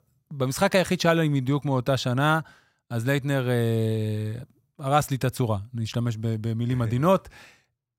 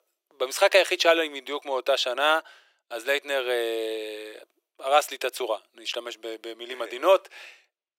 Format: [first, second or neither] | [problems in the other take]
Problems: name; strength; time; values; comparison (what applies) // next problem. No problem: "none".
first | thin; very; fading below 350 Hz